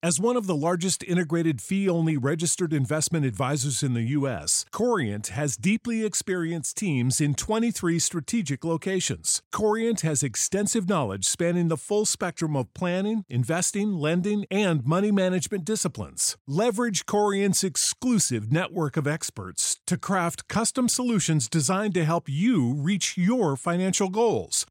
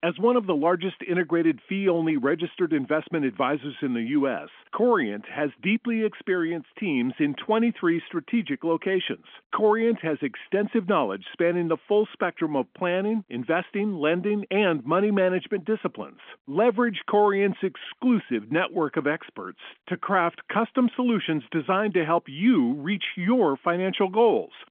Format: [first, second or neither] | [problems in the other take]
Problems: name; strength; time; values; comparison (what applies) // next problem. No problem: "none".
first | phone-call audio; nothing above 3.5 kHz